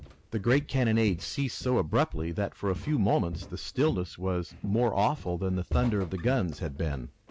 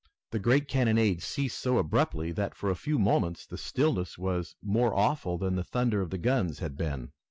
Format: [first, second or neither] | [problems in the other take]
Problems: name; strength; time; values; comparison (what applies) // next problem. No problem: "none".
second | background sound (Walk, footsteps); 13 dB below the speech